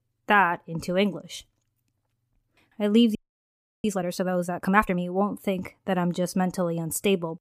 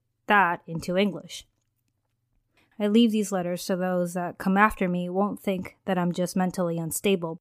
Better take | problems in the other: second | audio freezing; at 3 s for 0.5 s

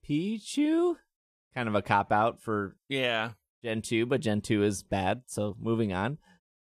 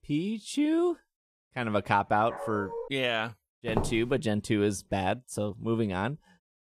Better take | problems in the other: first | dog barking; noticeable; at 2.5 s; peak 8 dB below the speech // footsteps; noticeable; at 3.5 s; peak 4 dB below the speech

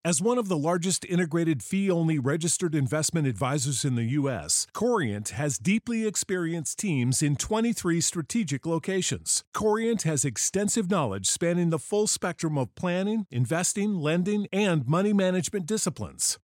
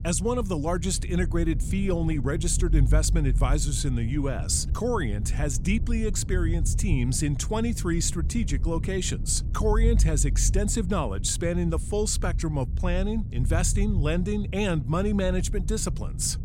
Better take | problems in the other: first | low rumble; noticeable; throughout; 15 dB below the speech

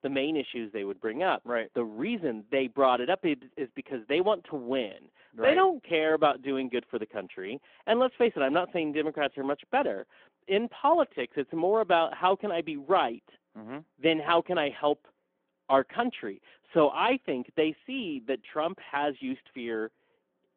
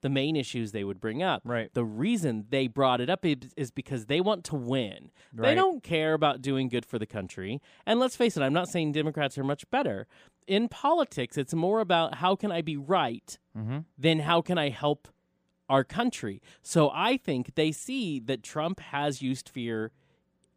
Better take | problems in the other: second | phone-call audio; nothing above 3.5 kHz

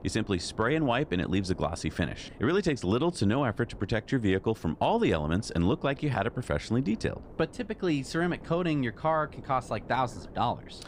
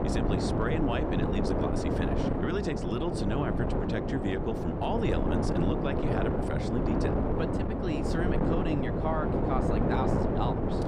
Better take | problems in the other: first | wind noise on the microphone; heavy; 3 dB above the speech; occasional gusts in the first

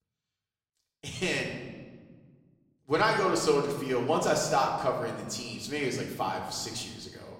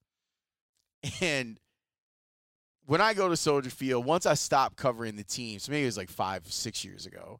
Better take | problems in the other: second | room echo; slight; dies away in 1.3 s // off-mic speech; far

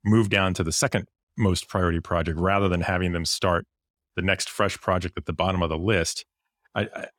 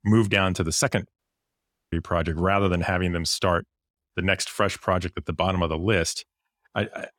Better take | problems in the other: first | audio cutting out; at 1 s for 0.5 s

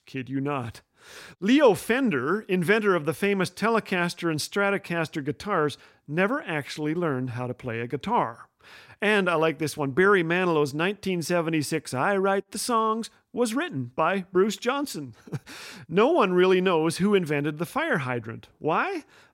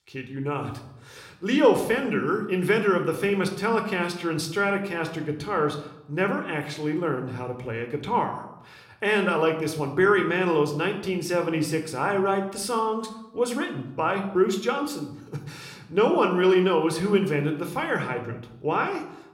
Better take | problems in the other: first | room echo; slight; dies away in 0.6 s

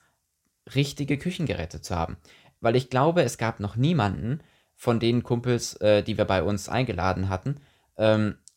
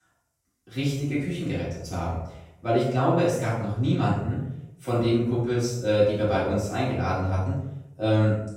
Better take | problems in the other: first | off-mic speech; far // room echo; noticeable; dies away in 0.7 s

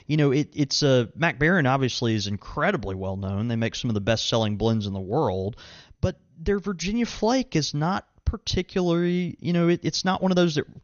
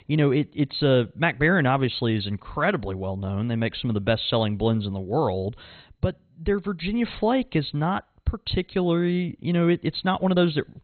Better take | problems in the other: first | garbled, watery; badly; nothing above 4 kHz; slightly in the first

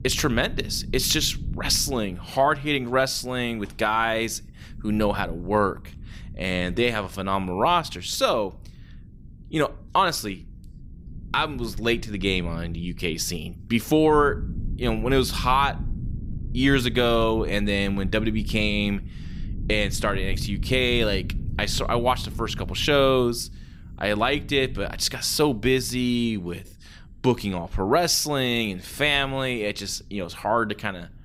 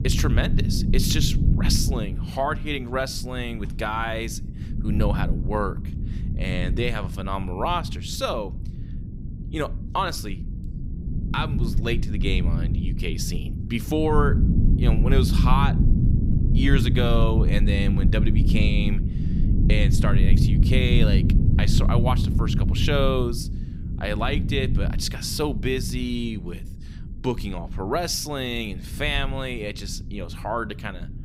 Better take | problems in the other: first | low rumble; loud; throughout; 8 dB below the speech; faint in the first

